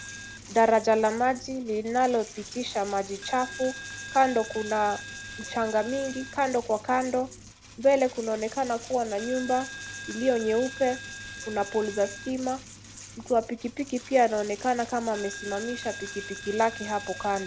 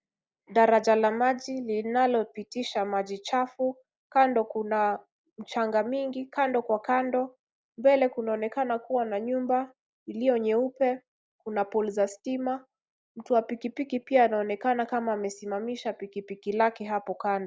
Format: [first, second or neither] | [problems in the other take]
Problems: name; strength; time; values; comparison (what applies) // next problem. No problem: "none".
second | background sound (Coin (dropping)); 13 dB below the speech